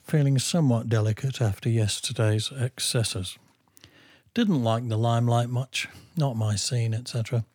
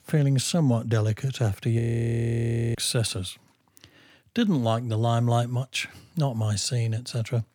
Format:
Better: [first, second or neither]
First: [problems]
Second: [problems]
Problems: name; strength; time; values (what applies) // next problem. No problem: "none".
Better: first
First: none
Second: audio freezing; at 2 s for 1 s